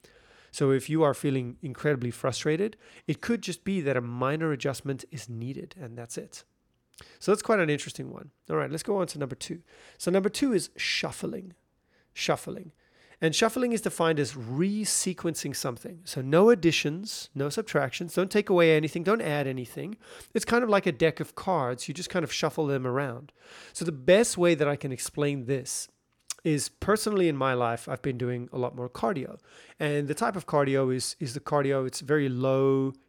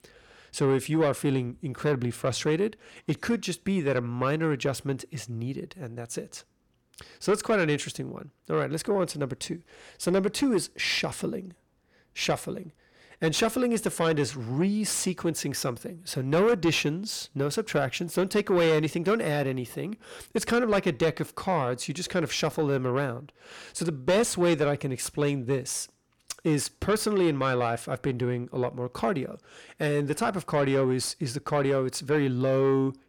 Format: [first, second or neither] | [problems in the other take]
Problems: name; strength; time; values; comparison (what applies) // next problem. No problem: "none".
first | distortion; slight; 10 dB below the speech